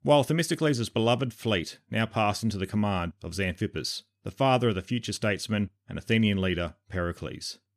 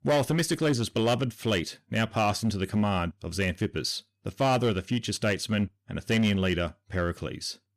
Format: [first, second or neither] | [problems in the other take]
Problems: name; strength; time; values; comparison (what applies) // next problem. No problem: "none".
first | distortion; slight; 6% of the sound clipped